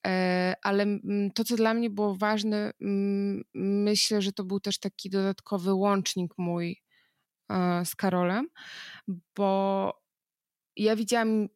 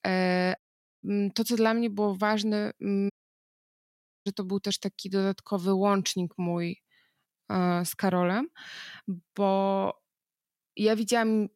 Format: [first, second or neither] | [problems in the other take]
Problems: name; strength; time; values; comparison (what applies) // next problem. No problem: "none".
first | audio cutting out; at 0.5 s and at 3 s for 1 s